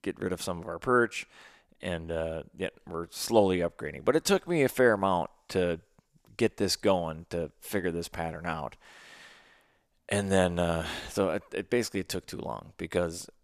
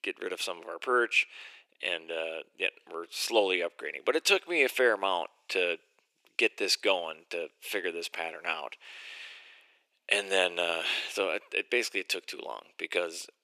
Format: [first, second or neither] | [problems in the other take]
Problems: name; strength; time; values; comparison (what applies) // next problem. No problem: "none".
first | thin; somewhat; fading below 350 Hz